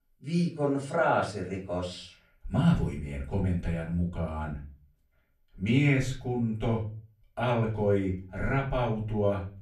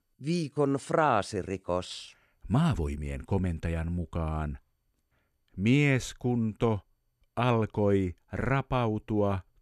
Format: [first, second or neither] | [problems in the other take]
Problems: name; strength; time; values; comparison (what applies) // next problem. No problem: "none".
second | room echo; slight; dies away in 0.3 s // off-mic speech; far